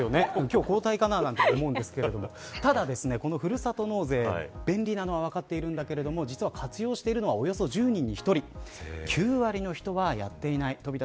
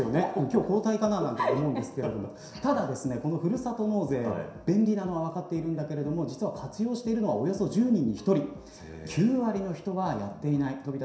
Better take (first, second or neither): first